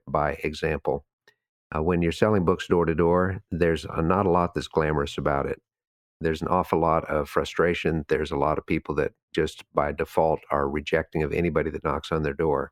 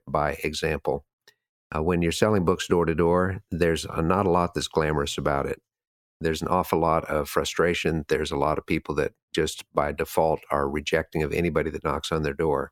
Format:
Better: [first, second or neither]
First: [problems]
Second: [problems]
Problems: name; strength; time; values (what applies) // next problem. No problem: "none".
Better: second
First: muffled; slightly; fading above 3.5 kHz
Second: none